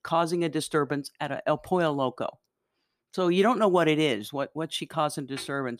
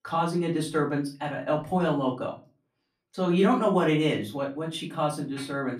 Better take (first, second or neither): first